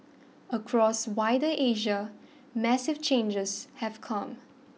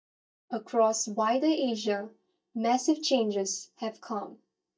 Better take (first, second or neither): first